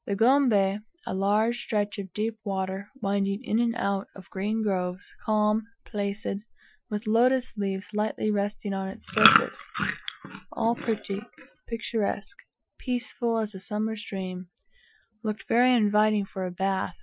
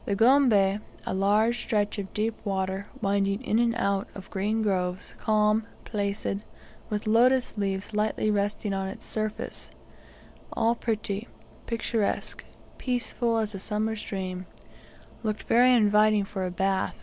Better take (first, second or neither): second